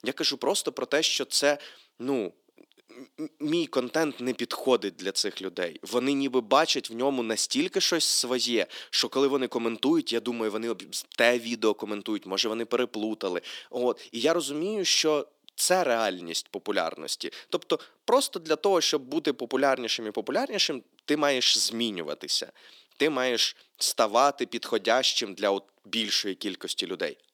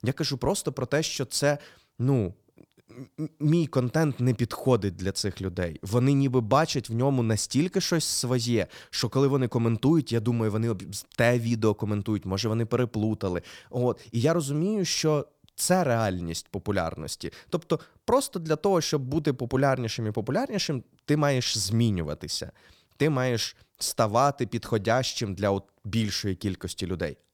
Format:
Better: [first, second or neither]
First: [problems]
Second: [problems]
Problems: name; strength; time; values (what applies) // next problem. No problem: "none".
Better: second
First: thin; somewhat; fading below 250 Hz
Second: none